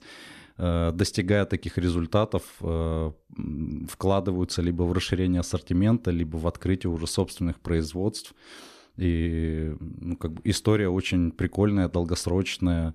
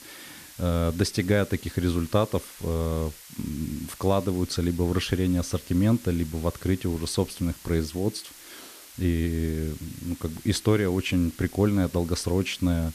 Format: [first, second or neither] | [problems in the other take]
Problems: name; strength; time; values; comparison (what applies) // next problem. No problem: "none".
first | hiss; noticeable; throughout; 20 dB below the speech